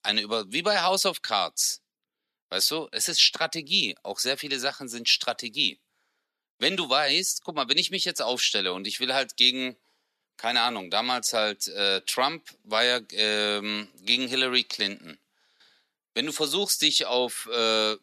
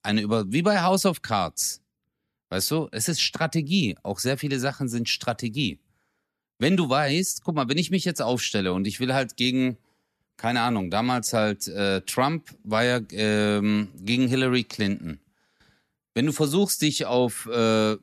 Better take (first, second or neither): second